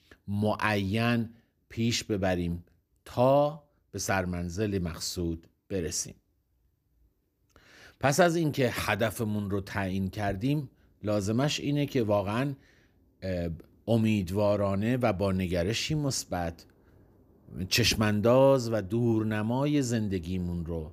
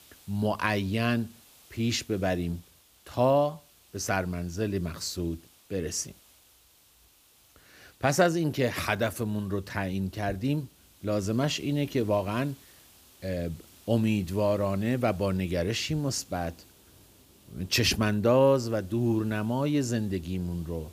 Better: first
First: none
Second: hiss; faint; throughout; 25 dB below the speech

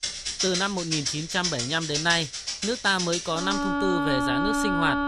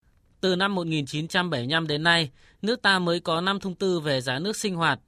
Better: second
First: background music; loud; throughout; as loud as the speech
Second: none

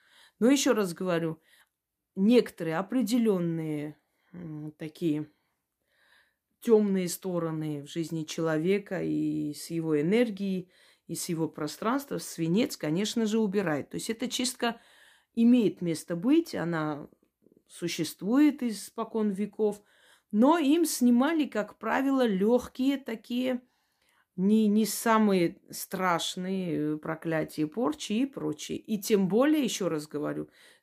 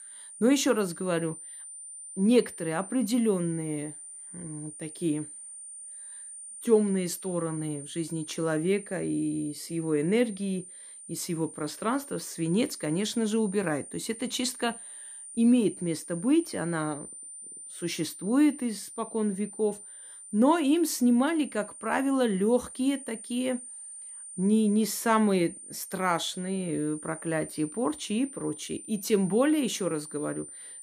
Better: first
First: none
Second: high-pitched whine; noticeable; throughout; 9 kHz, 15 dB below the speech

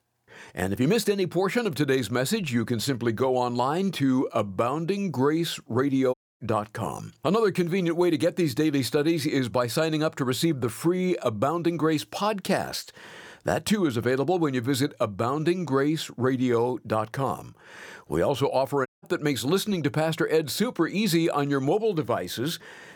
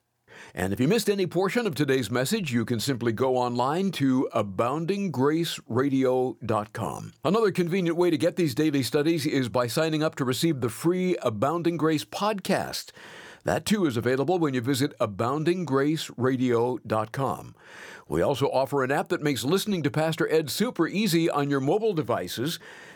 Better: second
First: audio cutting out; at 6 s and at 19 s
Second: none

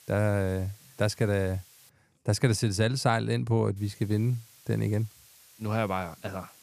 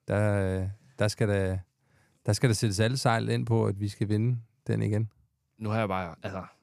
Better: second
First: hiss; faint; until 2 s and from 4 s on; 25 dB below the speech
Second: none

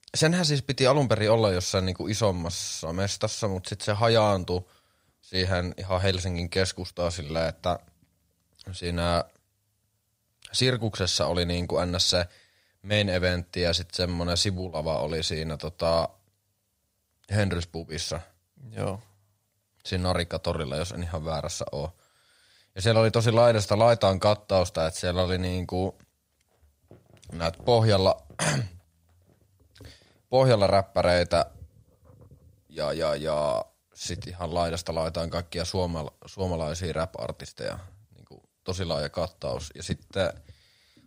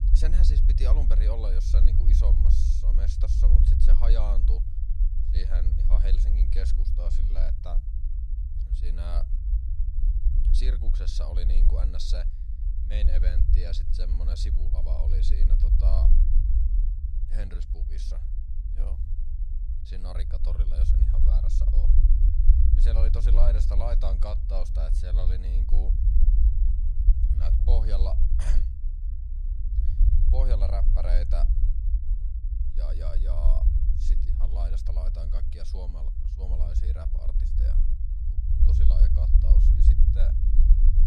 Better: first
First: none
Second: low rumble; loud; throughout; 4 dB below the speech

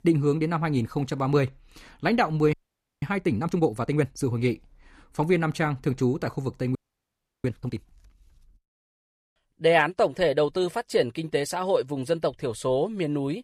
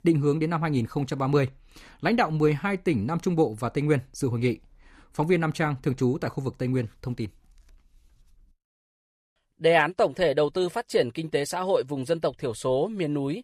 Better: second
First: audio freezing; at 2.5 s and at 7 s for 0.5 s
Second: none

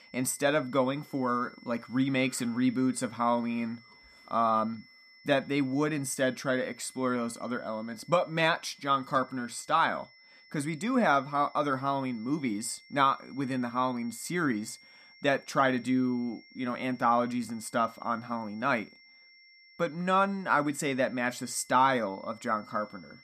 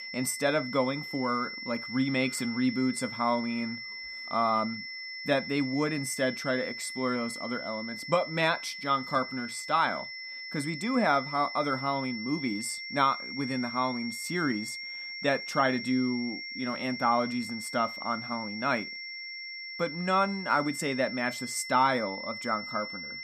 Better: first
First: high-pitched whine; faint; throughout; 2 kHz, 25 dB below the speech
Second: high-pitched whine; loud; throughout; 2 kHz, 7 dB below the speech

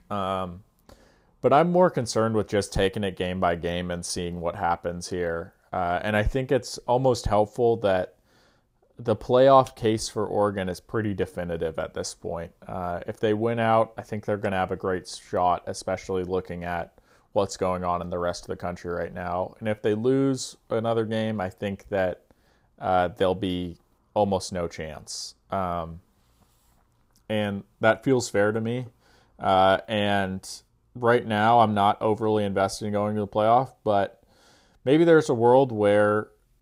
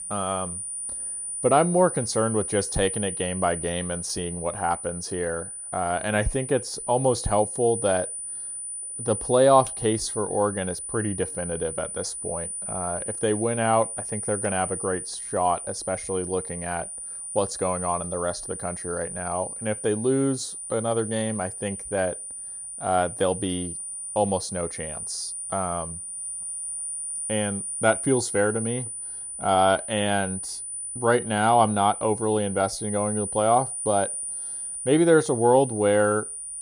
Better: first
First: none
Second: high-pitched whine; loud; throughout; 9.5 kHz, 6 dB below the speech

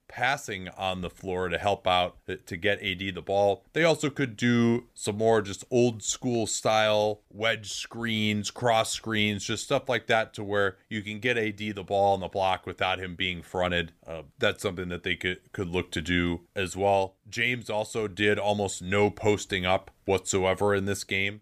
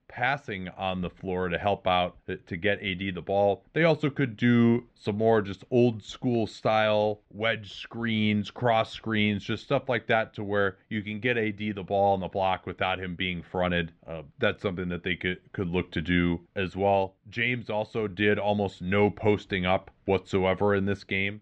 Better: first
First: none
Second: muffled; very; fading above 3.5 kHz

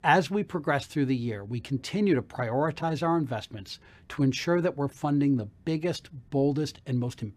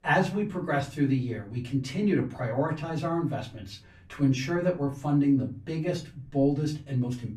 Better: first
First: none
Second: off-mic speech; far // room echo; very slight; dies away in 0.3 s

